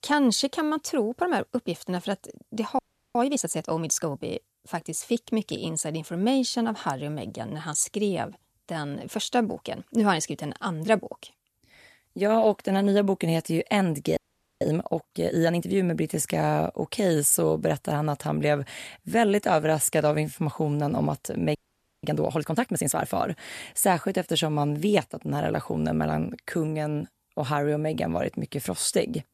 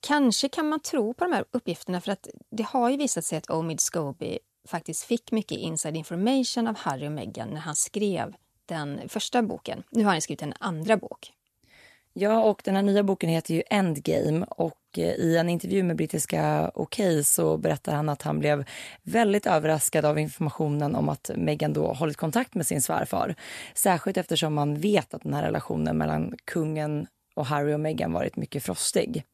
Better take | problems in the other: second | audio freezing; at 3 s, at 14 s and at 22 s

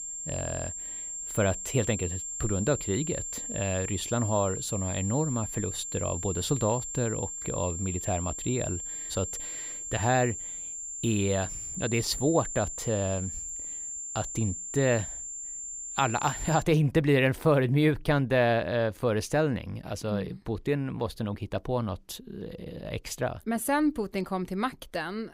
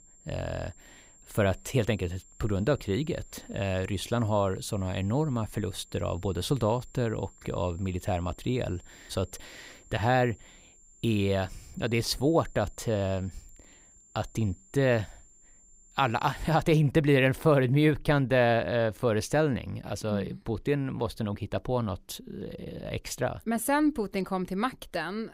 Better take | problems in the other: second | high-pitched whine; loud; until 17 s; 7.5 kHz, 5 dB below the speech; faint in the second

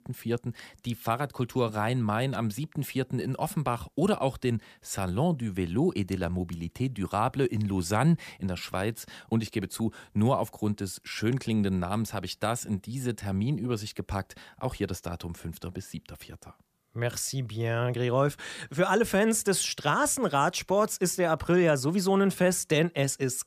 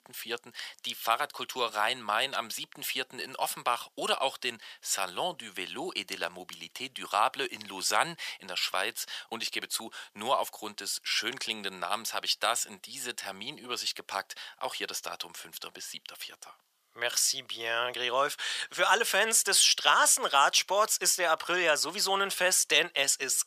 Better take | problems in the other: first | thin; very; fading below 850 Hz

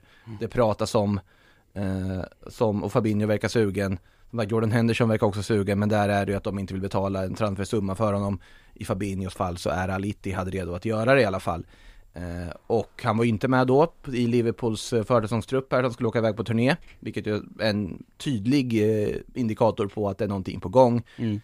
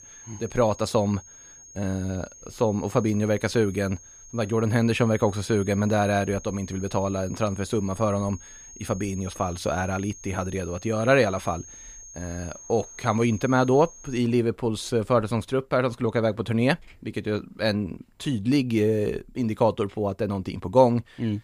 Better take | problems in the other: first | high-pitched whine; noticeable; until 14 s; 6.5 kHz, 20 dB below the speech

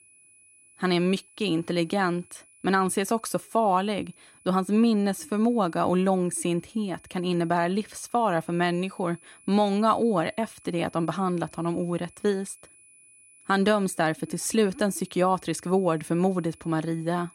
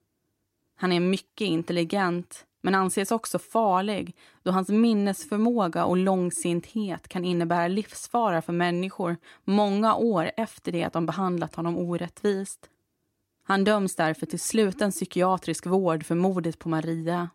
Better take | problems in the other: second | high-pitched whine; faint; throughout; 10 kHz, 25 dB below the speech

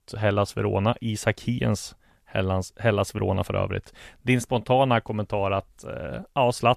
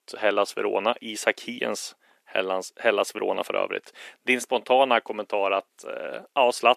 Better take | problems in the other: first | thin; somewhat; fading below 300 Hz

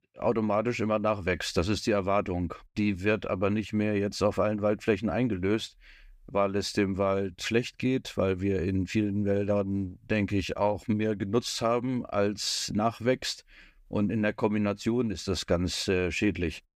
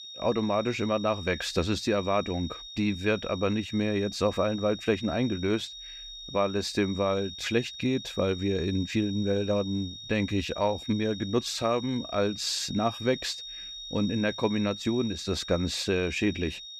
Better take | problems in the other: first | high-pitched whine; noticeable; throughout; 3.5 kHz, 10 dB below the speech

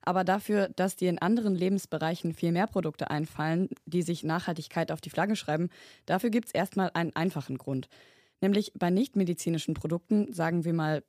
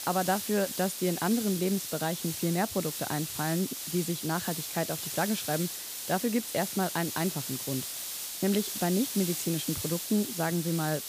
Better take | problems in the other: first | hiss; loud; throughout; 3 dB below the speech

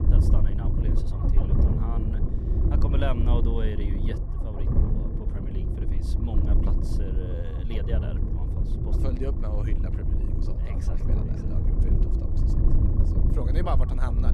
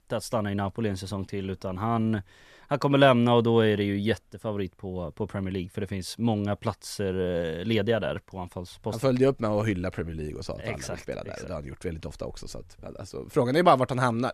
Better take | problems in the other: second | low rumble; loud; throughout; as loud as the speech

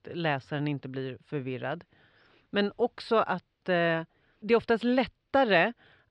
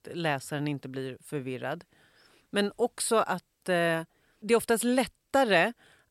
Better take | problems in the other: second | muffled; very slightly; fading above 4 kHz

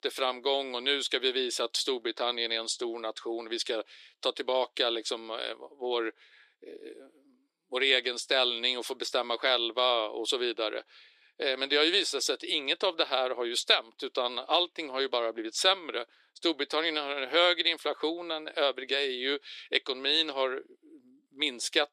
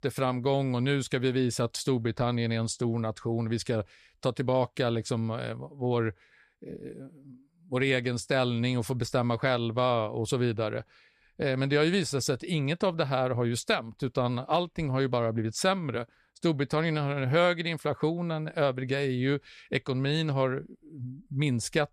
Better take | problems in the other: second | thin; very; fading below 350 Hz

